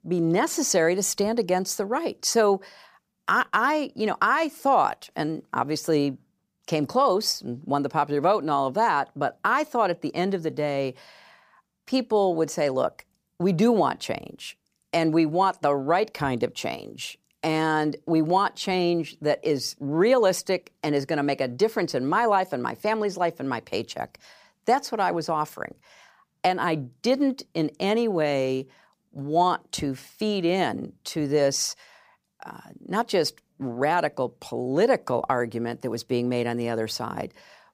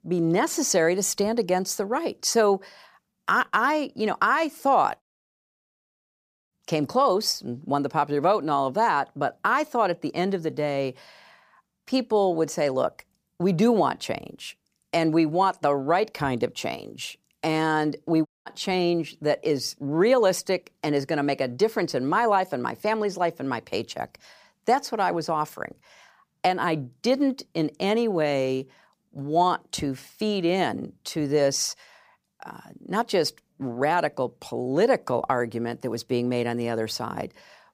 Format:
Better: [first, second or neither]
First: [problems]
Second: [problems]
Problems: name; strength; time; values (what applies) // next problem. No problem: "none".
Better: first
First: none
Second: audio cutting out; at 5 s for 1.5 s and at 18 s